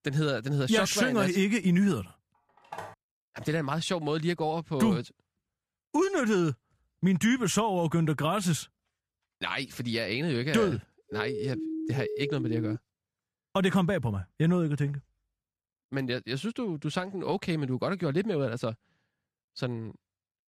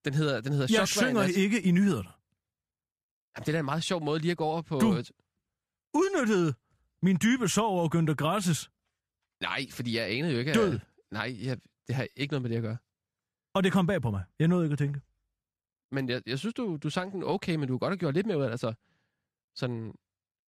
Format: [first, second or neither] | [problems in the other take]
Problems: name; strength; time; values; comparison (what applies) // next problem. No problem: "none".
second | phone ringing; faint; at 2.5 s; peak 15 dB below the speech // siren; noticeable; from 11 to 13 s; peak 6 dB below the speech